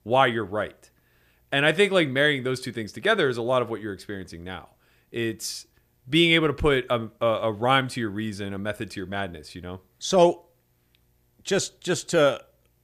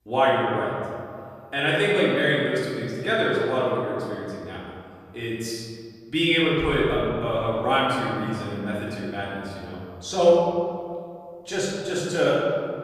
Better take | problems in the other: first | room echo; noticeable; dies away in 2.1 s // off-mic speech; far

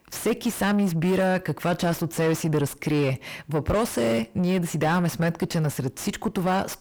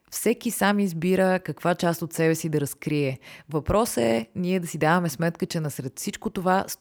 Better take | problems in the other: second | distortion; heavy; 7 dB below the speech

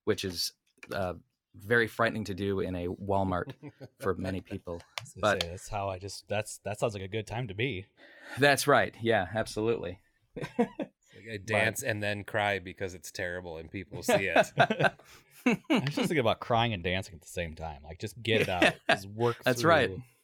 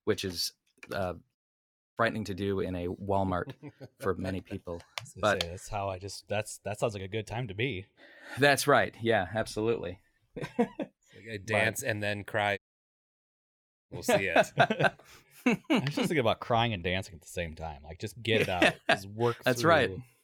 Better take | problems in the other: first | audio cutting out; at 1.5 s for 0.5 s and at 13 s for 1.5 s

